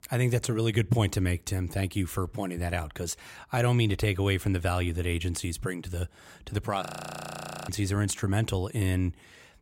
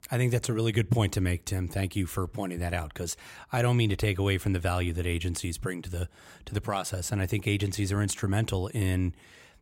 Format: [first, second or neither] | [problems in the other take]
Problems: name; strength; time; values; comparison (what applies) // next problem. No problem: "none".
second | audio freezing; at 7 s for 1 s